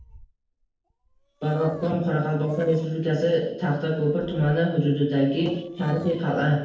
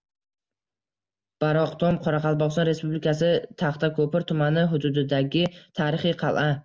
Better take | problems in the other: second | noise reduction (neural separator model SepFormer DNS4)

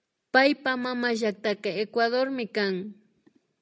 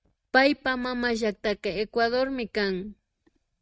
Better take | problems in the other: first | noise reduction (neural mask model RNNoise)

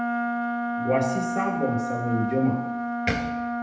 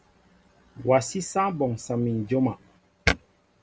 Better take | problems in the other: second | background sound (Wind instrument, woodwind instrument); as loud as the speech // room echo; dies away in 0.8 s

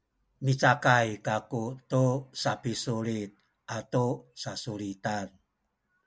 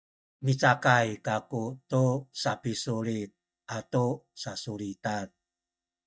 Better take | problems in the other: first | noise reduction (neural mask model DeepFilterNet 3)

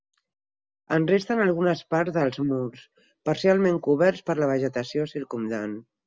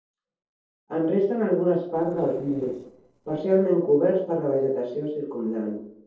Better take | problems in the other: first | noise reduction (neural separator model SepFormer DNS4)

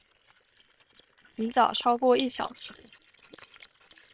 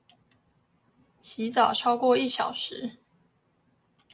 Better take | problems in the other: second | noise reduction (neural separator model SepFormer WHAM!)

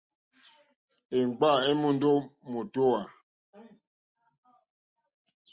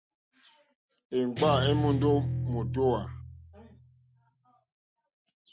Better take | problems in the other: first | background sound (Guitar); 1 dB below the speech

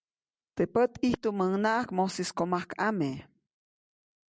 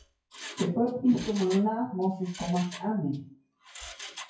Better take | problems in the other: first | noise reduction (classical method WPE with log-MMSE)

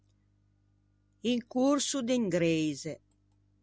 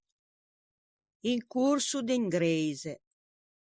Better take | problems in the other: first | noise reduction (neural mask model Resemble Enhance denoiser)

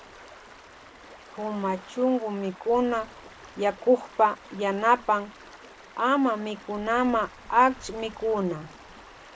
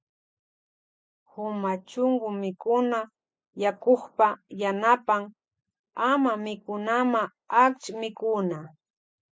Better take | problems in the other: second | background sound (Stream); 20 dB below the speech

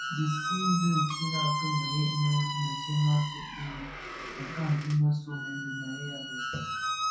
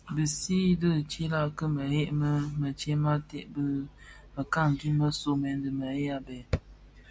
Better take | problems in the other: second | background sound (Squeak); 4 dB below the speech // room echo; dies away in 0.5 s

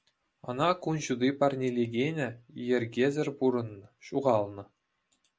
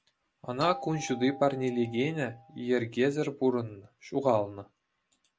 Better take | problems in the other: first | background sound (Doorbell); 14 dB below the speech

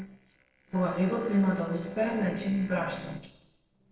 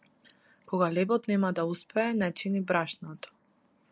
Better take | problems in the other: second | noise reduction (neural separator model SepFormer DNS4)

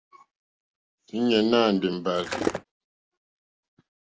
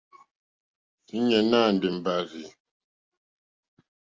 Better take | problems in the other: second | background sound (Skateboard); 1 dB below the speech

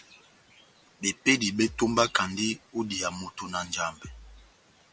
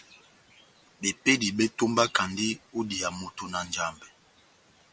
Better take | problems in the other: second | background sound (Bass drum); 16 dB below the speech

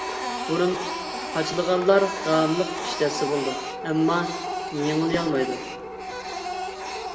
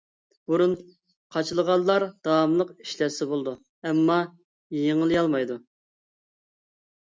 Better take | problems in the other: second | background sound (Printer); 5 dB below the speech // room echo; dies away in 1.3 s

